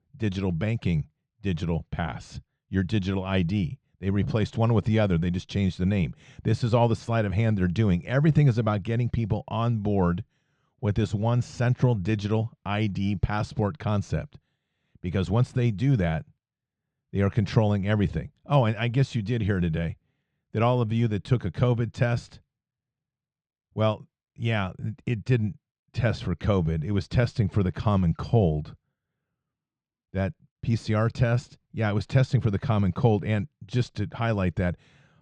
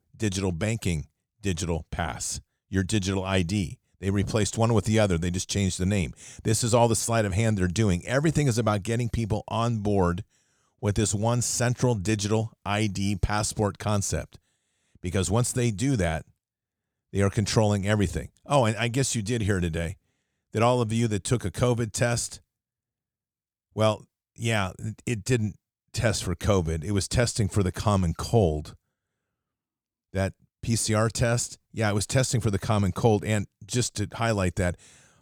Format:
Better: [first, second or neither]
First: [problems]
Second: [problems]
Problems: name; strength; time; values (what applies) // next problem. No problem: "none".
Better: second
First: muffled; slightly; fading above 3.5 kHz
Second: none